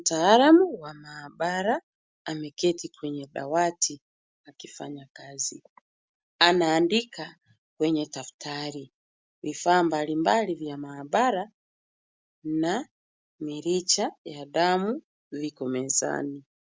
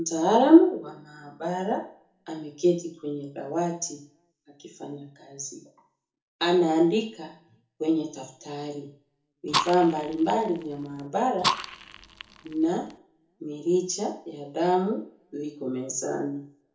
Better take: first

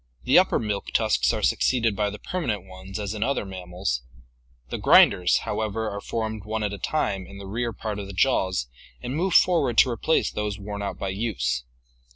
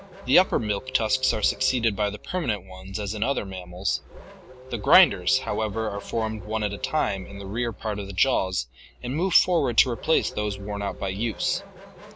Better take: first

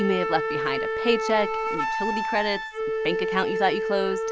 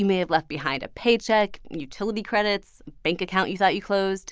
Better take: second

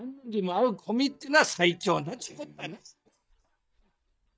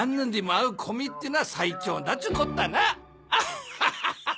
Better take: second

